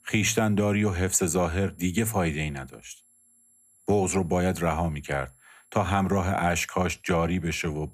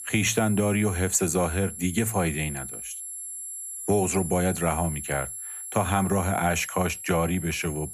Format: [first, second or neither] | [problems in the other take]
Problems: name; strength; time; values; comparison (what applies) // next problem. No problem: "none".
first | high-pitched whine; loud; throughout; 11 kHz, 9 dB below the speech; faint in the first